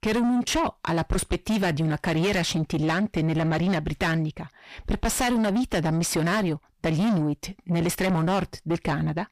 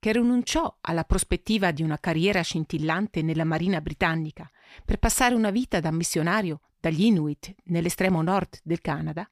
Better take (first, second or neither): second